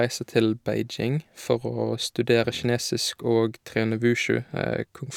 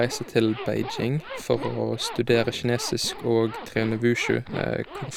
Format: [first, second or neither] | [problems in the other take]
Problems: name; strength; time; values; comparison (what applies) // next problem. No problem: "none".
first | background sound (Zipper (clothing)); 12 dB below the speech